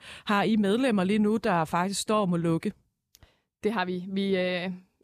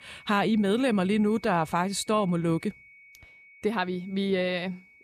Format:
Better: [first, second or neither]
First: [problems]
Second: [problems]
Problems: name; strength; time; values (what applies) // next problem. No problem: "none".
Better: first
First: none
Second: high-pitched whine; faint; throughout; 2 kHz, 25 dB below the speech